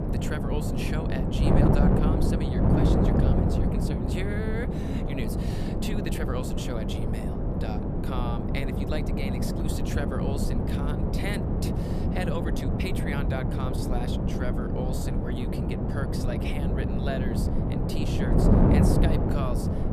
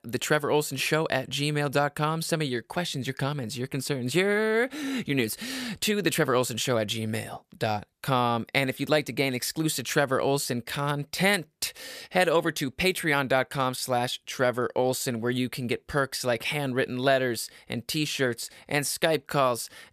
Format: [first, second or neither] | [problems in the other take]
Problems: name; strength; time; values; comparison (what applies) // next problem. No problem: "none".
second | wind noise on the microphone; heavy; 4 dB above the speech